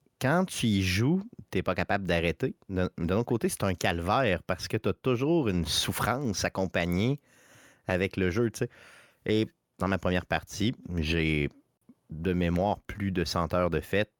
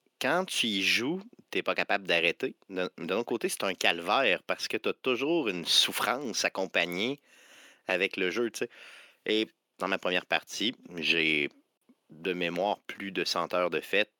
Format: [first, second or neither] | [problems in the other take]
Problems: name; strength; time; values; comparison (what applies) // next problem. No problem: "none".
first | thin; somewhat; fading below 250 Hz